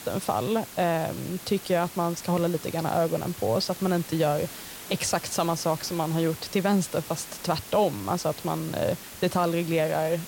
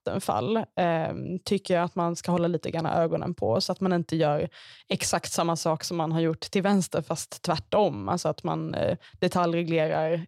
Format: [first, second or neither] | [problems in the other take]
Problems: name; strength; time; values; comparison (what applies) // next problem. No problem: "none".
second | hiss; noticeable; throughout; 10 dB below the speech